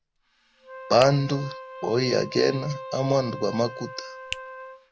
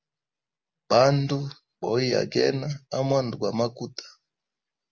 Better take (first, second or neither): second